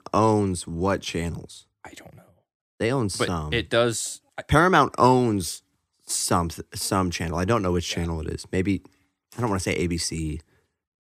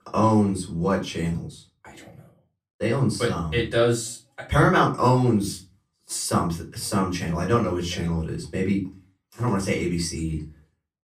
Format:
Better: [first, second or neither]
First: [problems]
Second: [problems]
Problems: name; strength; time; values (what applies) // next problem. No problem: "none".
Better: first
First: none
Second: off-mic speech; far // room echo; very slight; dies away in 0.3 s